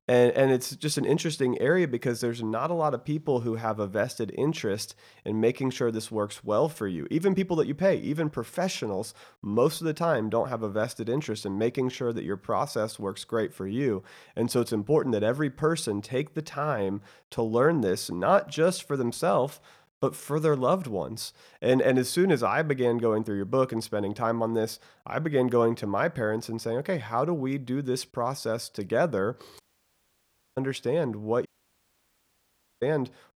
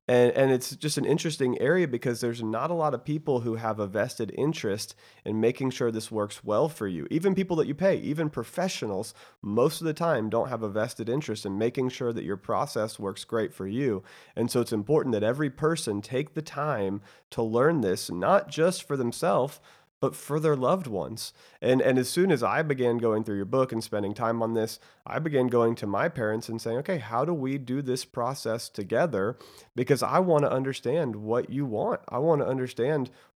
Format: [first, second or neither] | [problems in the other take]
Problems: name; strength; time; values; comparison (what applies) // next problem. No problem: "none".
second | audio cutting out; at 30 s for 1 s and at 31 s for 1.5 s